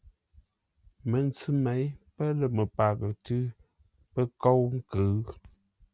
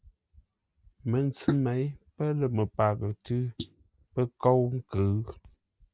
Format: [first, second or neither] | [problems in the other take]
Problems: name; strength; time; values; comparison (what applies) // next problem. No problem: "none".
first | noise reduction (neural mask model Resemble Enhance denoiser)